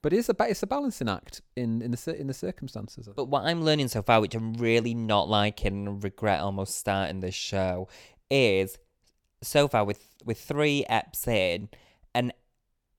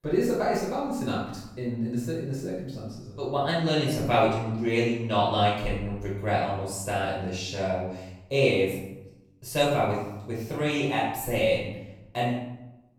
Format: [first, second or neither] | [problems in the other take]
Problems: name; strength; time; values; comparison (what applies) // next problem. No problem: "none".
first | off-mic speech; far // room echo; noticeable; dies away in 0.8 s